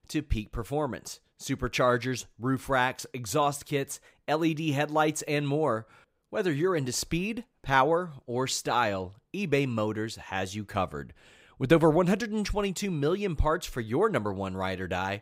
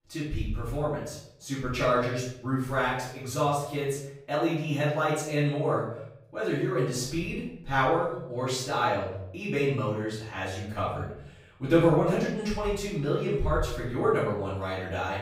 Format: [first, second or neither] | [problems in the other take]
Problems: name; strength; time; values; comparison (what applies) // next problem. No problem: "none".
first | off-mic speech; far // room echo; noticeable; dies away in 0.7 s